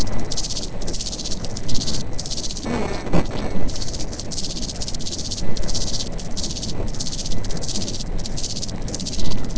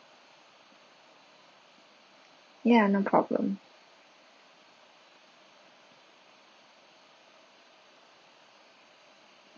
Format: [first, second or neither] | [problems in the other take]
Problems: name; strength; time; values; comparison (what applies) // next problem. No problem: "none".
second | noise reduction (neural separator model SepFormer DNS4)